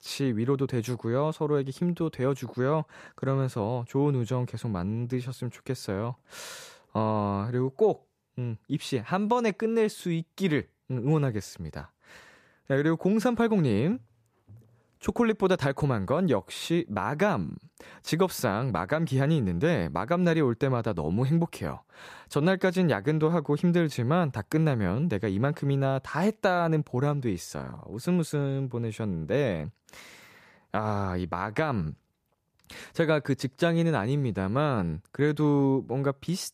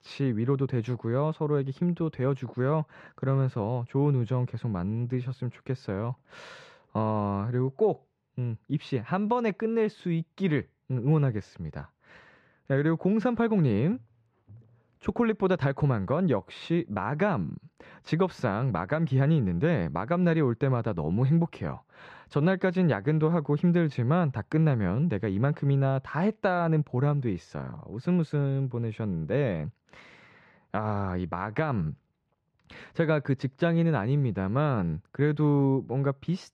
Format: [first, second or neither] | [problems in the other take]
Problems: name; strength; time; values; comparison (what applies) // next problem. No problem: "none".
first | muffled; slightly; fading above 3 kHz